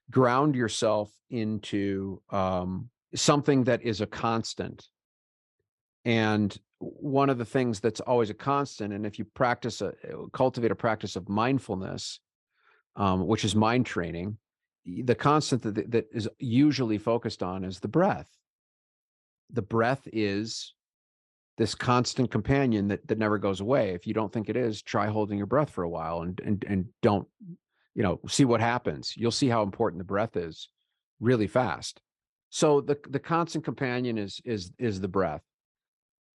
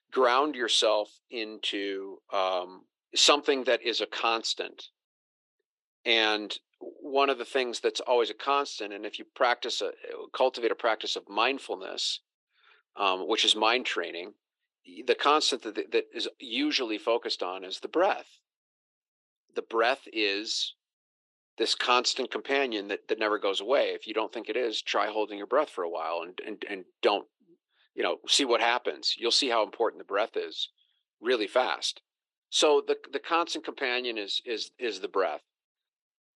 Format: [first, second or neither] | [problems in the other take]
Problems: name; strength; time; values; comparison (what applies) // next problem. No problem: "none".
first | thin; somewhat; fading below 350 Hz